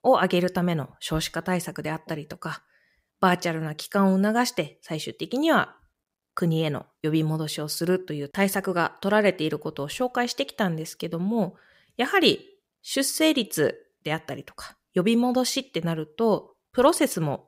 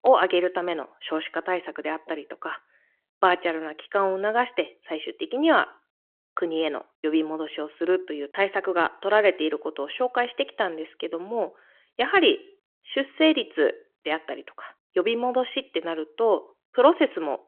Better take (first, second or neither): first